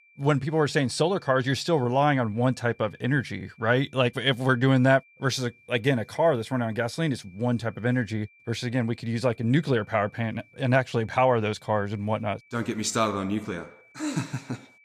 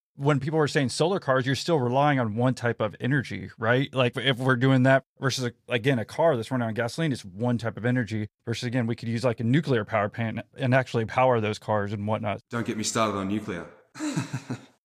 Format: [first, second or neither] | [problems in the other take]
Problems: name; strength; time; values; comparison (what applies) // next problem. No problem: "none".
second | high-pitched whine; faint; throughout; 2.5 kHz, 30 dB below the speech